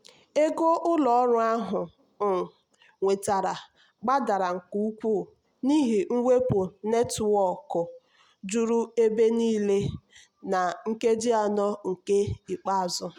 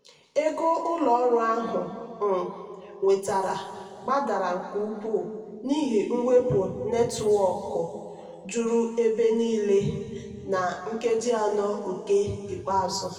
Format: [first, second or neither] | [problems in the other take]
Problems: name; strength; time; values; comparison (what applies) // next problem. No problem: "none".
first | room echo; dies away in 2.2 s